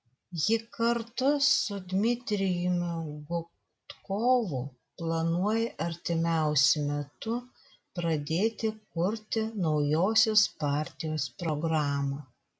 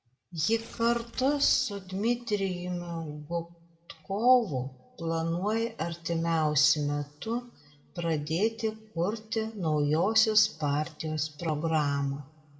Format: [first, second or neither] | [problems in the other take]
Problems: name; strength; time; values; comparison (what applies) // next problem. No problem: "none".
first | background sound (Tearing); 18 dB below the speech // room echo; dies away in 1 s